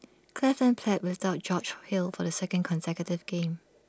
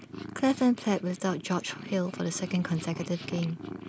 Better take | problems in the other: first | background sound (Purr); 13 dB below the speech

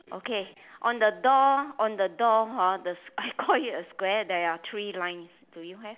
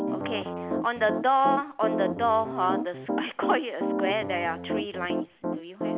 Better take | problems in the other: first | background sound (Piano); 3 dB below the speech

